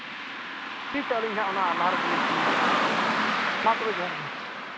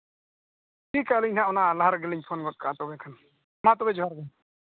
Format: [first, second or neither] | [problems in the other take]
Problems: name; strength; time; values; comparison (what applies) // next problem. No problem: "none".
second | background sound (Car passing by); 4 dB above the speech